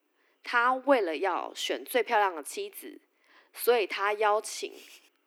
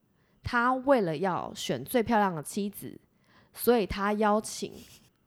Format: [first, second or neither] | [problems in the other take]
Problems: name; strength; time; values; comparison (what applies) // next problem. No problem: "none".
second | thin; somewhat; fading below 300 Hz